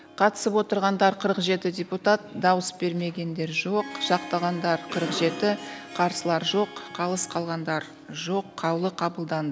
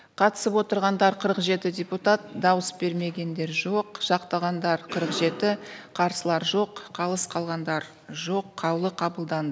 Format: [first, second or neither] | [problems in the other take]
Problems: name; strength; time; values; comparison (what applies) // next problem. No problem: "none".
second | background sound (Harp); 17 dB below the speech